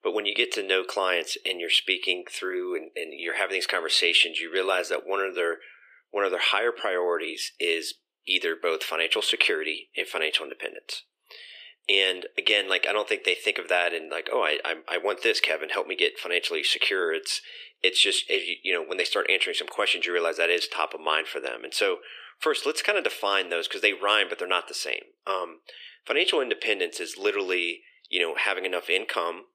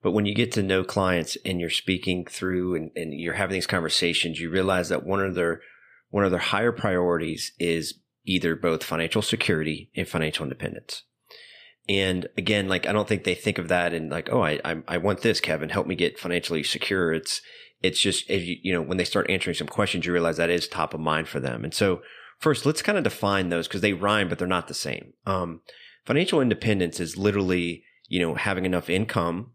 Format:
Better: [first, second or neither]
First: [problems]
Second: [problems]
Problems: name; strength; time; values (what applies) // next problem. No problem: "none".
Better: second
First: thin; very; fading below 350 Hz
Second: none